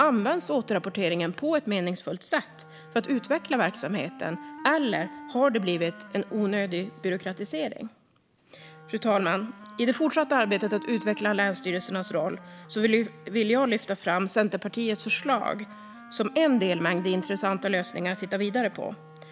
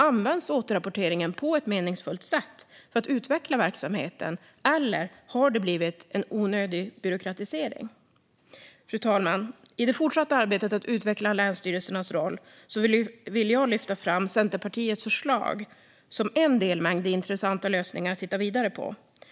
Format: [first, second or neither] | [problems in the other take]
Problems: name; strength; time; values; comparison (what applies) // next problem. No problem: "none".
second | background sound (Wind instrument, woodwind instrument); 18 dB below the speech